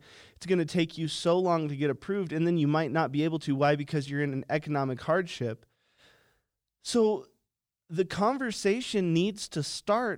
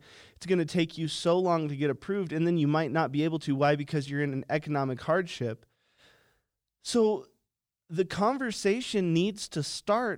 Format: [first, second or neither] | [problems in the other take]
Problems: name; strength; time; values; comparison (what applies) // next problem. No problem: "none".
neither | none